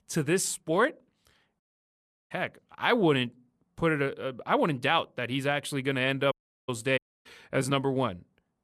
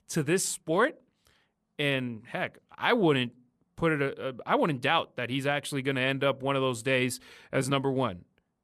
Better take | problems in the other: second | audio cutting out; at 1.5 s for 0.5 s, at 6.5 s and at 7 s

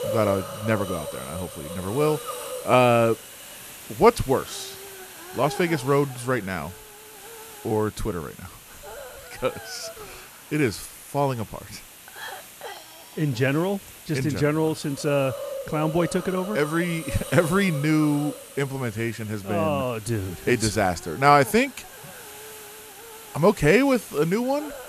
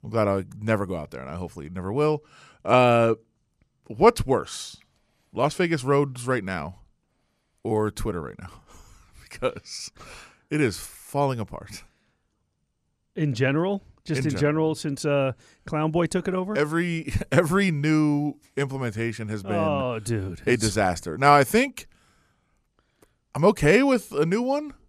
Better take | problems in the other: second | hiss; noticeable; throughout; 15 dB below the speech

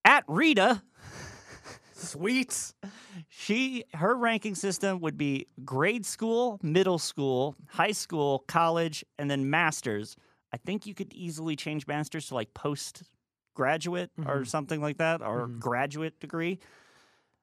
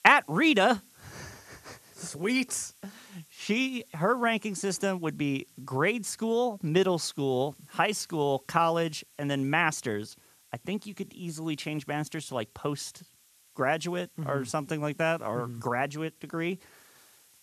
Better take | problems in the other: first | hiss; faint; throughout; 30 dB below the speech

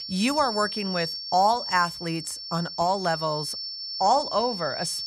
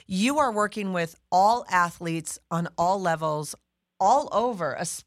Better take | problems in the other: second | high-pitched whine; loud; throughout; 5.5 kHz, 6 dB below the speech

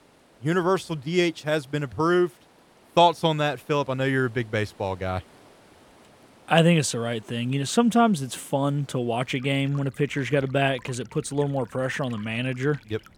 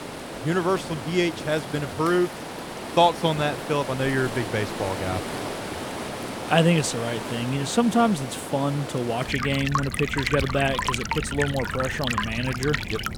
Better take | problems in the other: first | rain or running water; loud; throughout; 6 dB below the speech; faint in the first

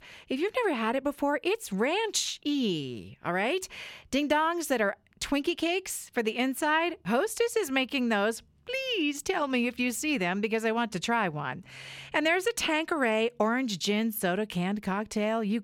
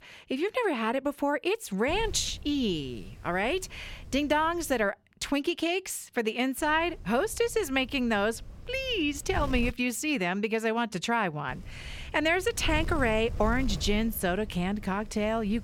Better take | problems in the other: first | wind noise on the microphone; occasional gusts; from 2 to 5 s, from 6.5 to 9.5 s and from 11 s on; 25 dB below the speech

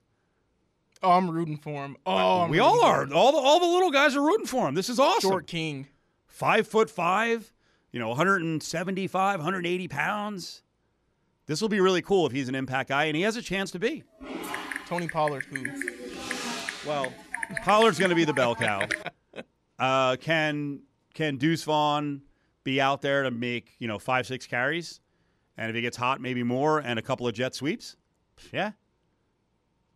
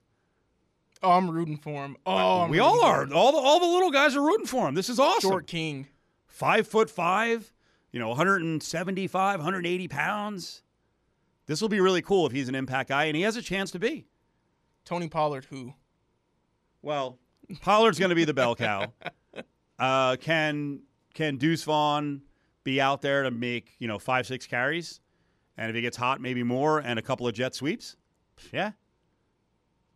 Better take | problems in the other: second | keyboard typing; noticeable; from 14 to 19 s; peak 4 dB below the speech

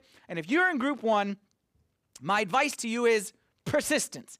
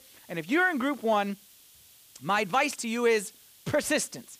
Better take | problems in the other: first | hiss; faint; throughout; 25 dB below the speech

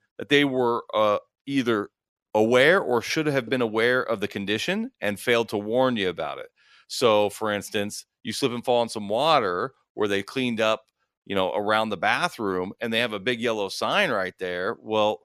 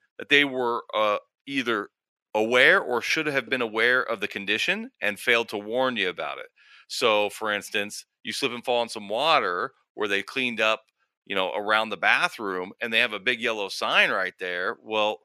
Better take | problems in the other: first | thin; very slightly; fading below 600 Hz

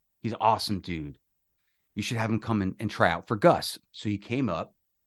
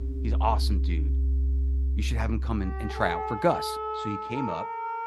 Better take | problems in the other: first | background music; very loud; throughout; 2 dB above the speech

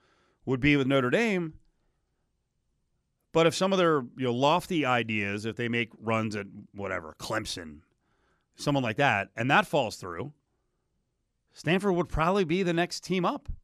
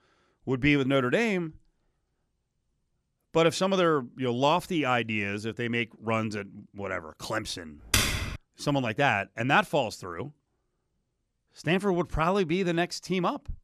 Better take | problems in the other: first | keyboard typing; loud; at 8 s; peak 3 dB above the speech

